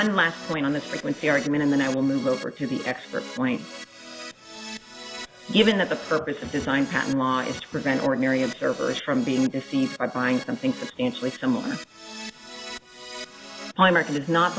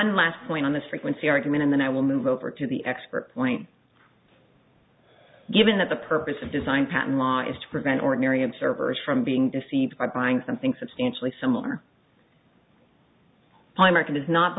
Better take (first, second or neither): second